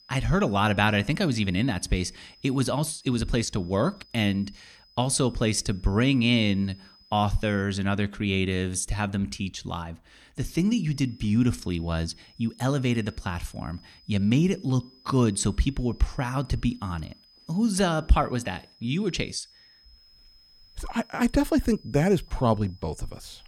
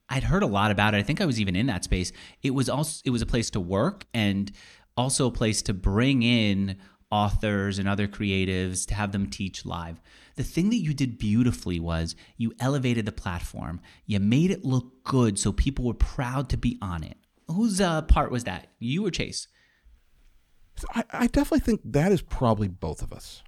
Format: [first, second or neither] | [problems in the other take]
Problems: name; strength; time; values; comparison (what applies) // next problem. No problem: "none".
second | high-pitched whine; faint; until 7.5 s and from 10 s on; 5 kHz, 25 dB below the speech